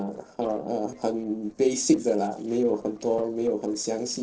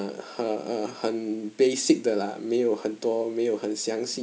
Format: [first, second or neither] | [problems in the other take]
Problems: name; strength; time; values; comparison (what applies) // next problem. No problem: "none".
second | noise reduction (neural separator model SepFormer DNS4)